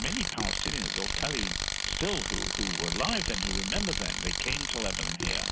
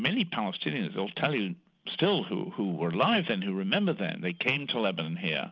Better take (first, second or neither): second